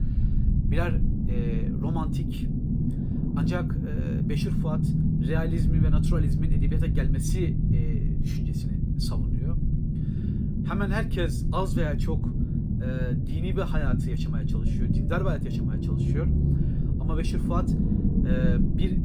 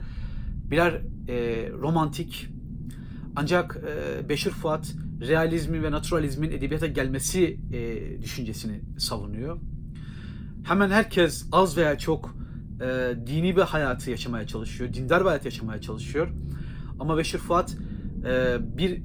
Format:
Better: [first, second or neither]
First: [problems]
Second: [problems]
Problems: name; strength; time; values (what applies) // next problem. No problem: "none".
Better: second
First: low rumble; loud; throughout; 1 dB below the speech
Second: low rumble; faint; throughout; 20 dB below the speech